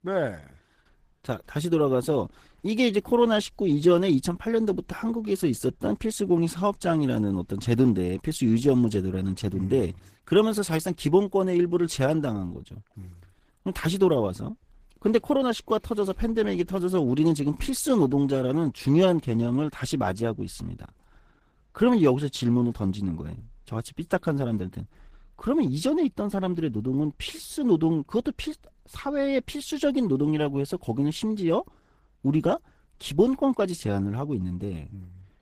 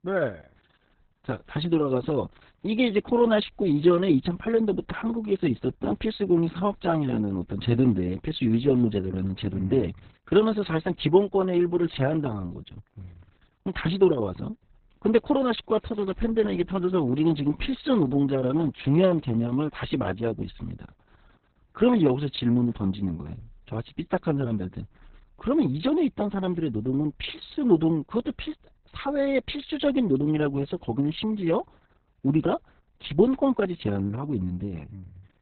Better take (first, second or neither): first